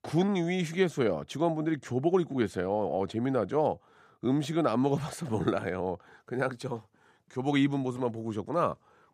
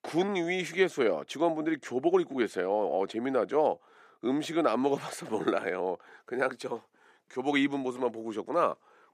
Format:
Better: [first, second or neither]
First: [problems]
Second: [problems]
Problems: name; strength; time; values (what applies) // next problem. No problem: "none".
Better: first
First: none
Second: thin; very slightly; fading below 350 Hz